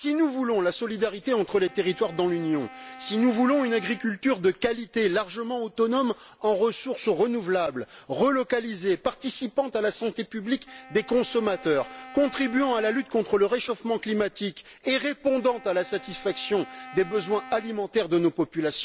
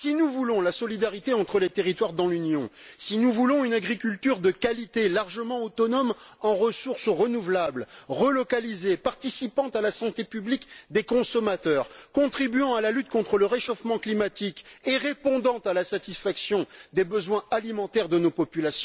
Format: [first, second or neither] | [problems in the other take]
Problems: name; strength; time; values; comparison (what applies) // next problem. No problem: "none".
second | background sound (Wind instrument, woodwind instrument); 19 dB below the speech